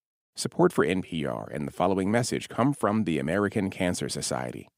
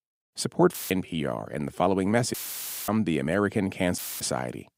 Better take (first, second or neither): first